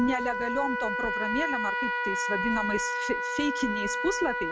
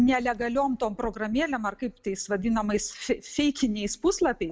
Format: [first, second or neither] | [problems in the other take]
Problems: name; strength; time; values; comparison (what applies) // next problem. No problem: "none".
second | background sound (Trumpet); 1 dB above the speech